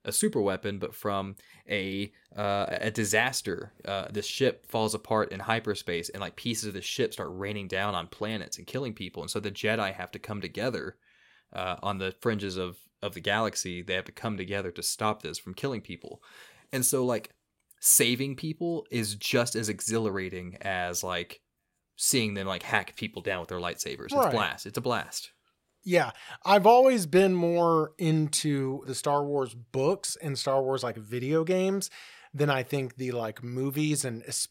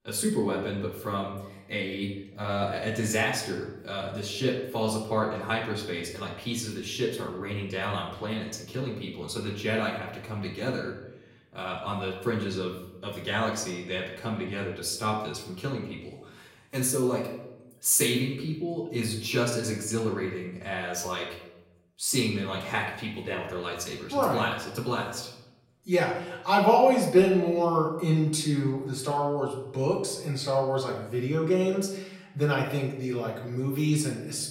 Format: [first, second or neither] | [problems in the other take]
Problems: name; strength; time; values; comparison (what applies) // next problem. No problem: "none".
first | off-mic speech; far // room echo; noticeable; dies away in 0.7 s